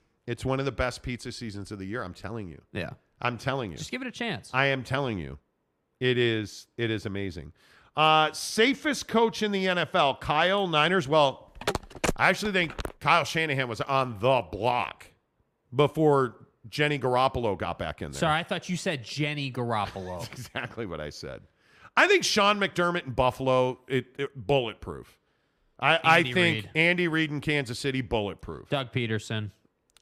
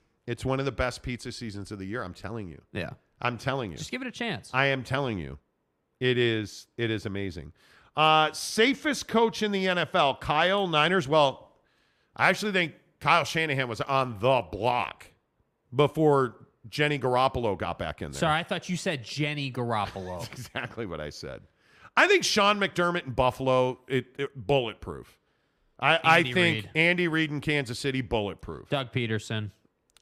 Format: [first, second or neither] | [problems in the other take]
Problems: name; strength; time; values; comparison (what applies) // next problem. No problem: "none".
second | phone ringing; noticeable; from 12 to 13 s; peak 4 dB below the speech